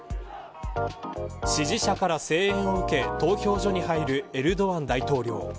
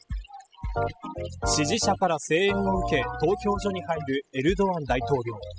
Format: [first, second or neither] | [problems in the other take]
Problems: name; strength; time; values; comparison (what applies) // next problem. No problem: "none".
first | noise reduction (classical method spectral subtraction)